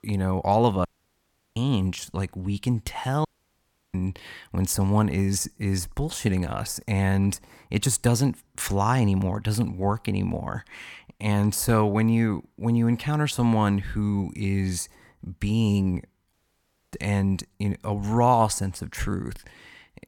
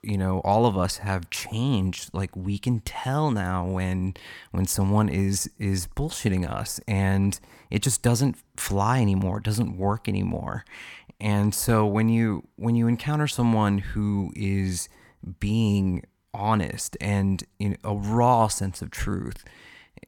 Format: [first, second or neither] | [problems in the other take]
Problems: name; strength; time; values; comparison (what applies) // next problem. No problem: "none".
second | audio cutting out; at 1 s for 0.5 s, at 3.5 s for 0.5 s and at 16 s for 0.5 s